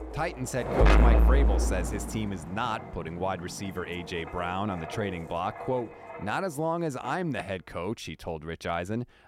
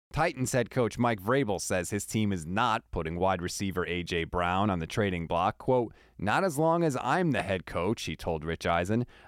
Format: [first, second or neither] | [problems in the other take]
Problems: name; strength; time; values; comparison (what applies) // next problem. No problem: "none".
second | wind noise on the microphone; heavy; 3 dB below the speech